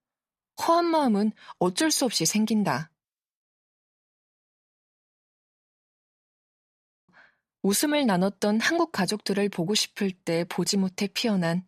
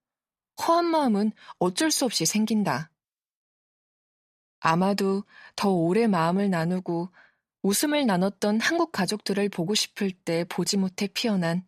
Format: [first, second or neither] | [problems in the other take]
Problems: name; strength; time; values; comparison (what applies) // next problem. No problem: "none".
second | audio cutting out; at 4.5 s for 2.5 s